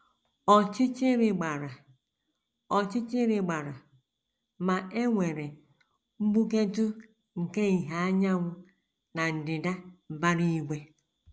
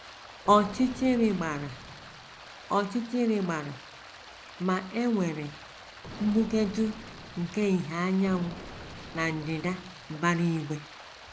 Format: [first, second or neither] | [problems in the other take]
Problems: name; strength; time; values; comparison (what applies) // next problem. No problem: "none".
first | background sound (Stream + Explosion); 15 dB below the speech